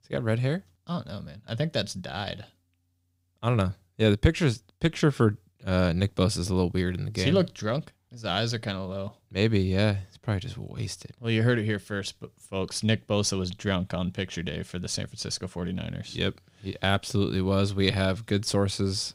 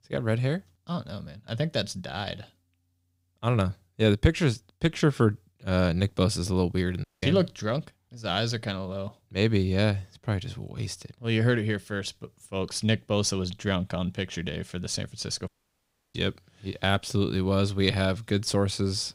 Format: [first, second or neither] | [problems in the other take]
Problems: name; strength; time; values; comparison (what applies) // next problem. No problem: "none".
first | audio cutting out; at 7 s and at 15 s for 0.5 s